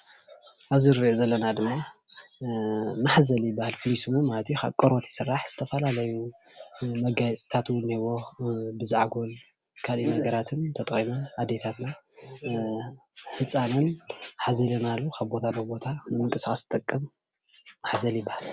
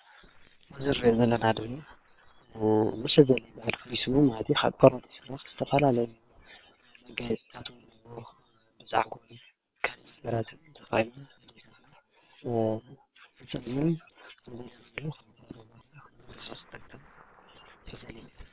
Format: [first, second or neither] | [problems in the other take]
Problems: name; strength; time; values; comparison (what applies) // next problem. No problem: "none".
first | noise reduction (neural separator model SepFormer WHAM!)